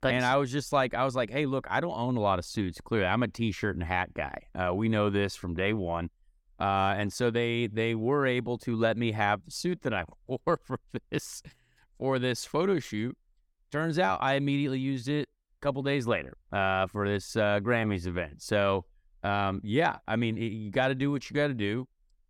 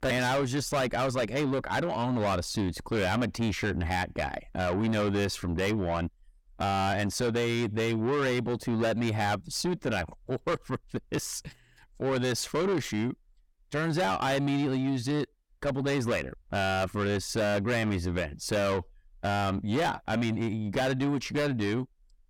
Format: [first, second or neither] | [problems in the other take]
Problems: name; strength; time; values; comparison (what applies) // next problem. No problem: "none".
first | distortion; heavy; 7 dB below the speech